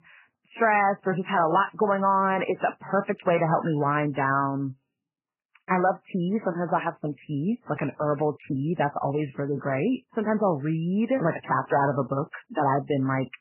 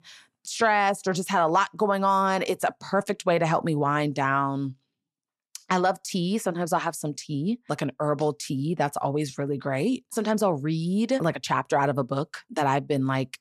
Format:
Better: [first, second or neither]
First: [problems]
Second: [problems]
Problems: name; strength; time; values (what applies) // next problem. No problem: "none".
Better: second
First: garbled, watery; badly; nothing above 3 kHz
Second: none